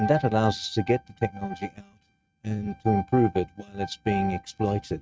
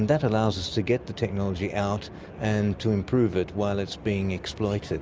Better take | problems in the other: second | noise reduction (neural mask model RNNoise)

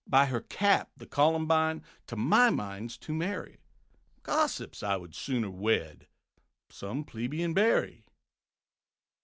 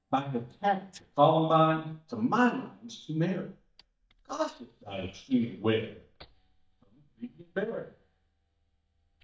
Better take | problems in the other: first | noise reduction (neural mask model DeepFilterNet 3)

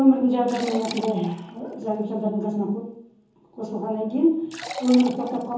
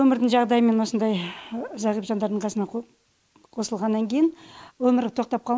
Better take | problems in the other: second | background sound (Liquid); 16 dB below the speech // room echo; dies away in 0.7 s

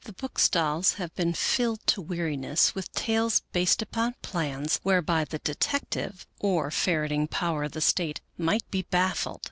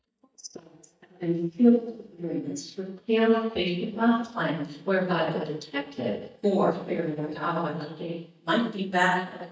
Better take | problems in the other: first | noise reduction (neural mask model DeepFilterNet 3)

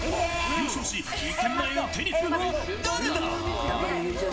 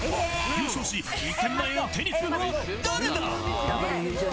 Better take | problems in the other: second | room echo; dies away in 0.8 s

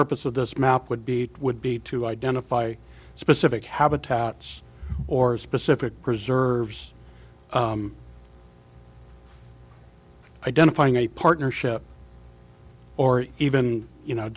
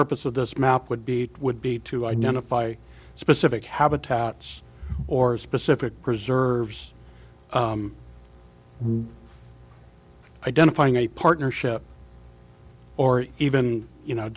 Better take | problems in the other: first | background sound (Brass instrument); 4 dB below the speech

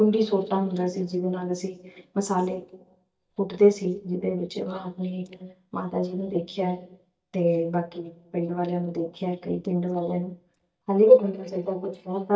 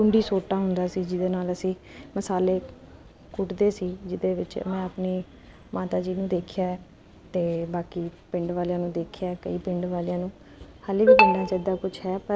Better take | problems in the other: second | noise reduction (neural mask model DeepFilterNet 3)

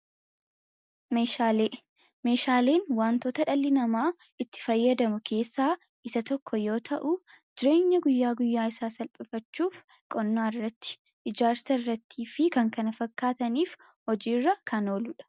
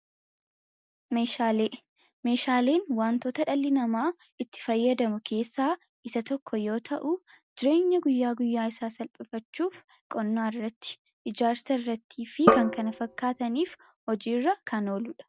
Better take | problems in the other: first | background sound (Drum); 1 dB above the speech

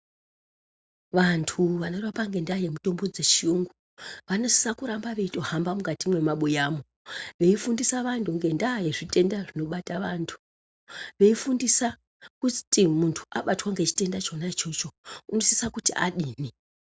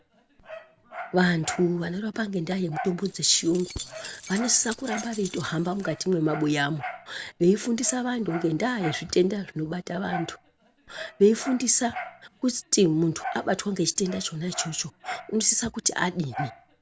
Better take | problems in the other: first | background sound (Dog + Keys jangling); 14 dB below the speech

